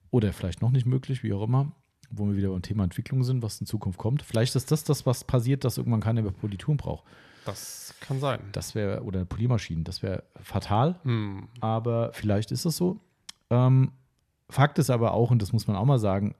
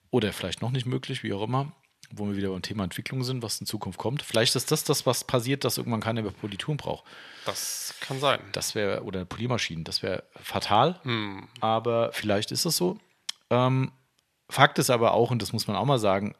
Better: first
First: none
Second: thin; somewhat; fading below 550 Hz

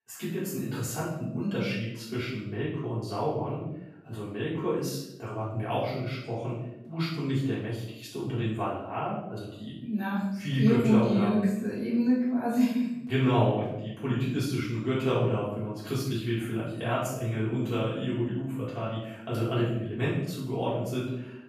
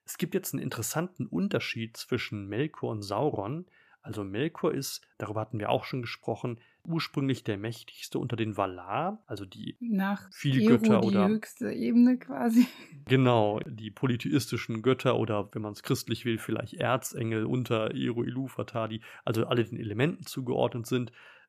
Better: second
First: off-mic speech; far // room echo; noticeable; dies away in 0.8 s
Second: none

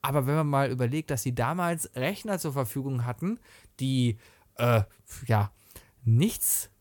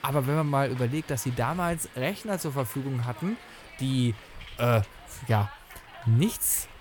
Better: first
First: none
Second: hiss; noticeable; throughout; 20 dB below the speech

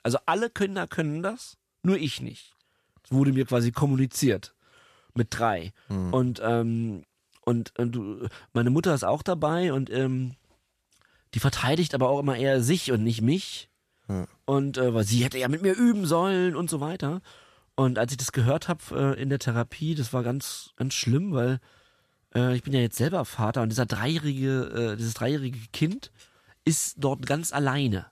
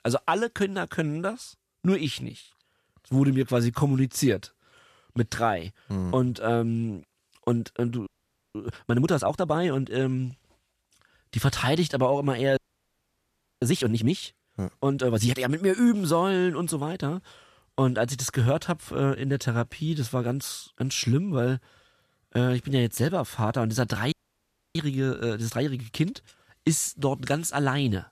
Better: first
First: none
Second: audio freezing; at 8 s, at 13 s for 1 s and at 24 s for 0.5 s

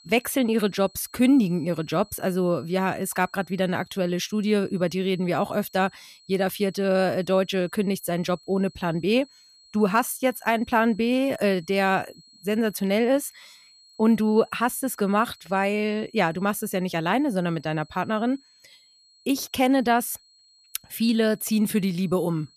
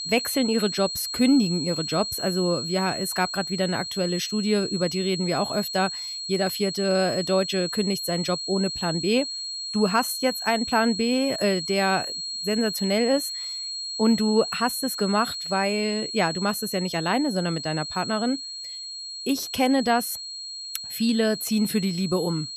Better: first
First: high-pitched whine; faint; throughout; 4.5 kHz, 30 dB below the speech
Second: high-pitched whine; loud; throughout; 4.5 kHz, 5 dB below the speech

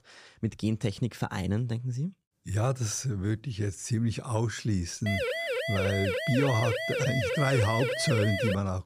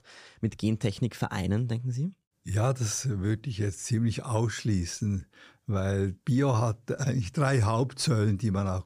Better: second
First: siren; loud; from 5 s on; peak level with the speech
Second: none

